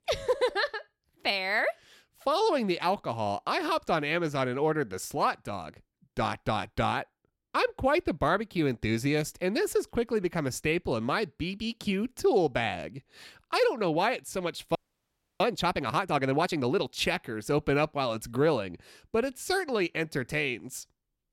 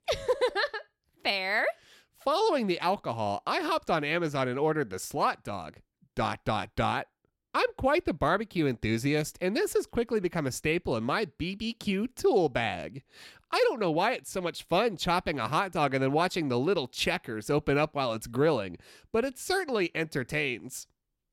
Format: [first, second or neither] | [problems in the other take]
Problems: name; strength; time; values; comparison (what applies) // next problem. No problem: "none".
second | audio freezing; at 15 s for 0.5 s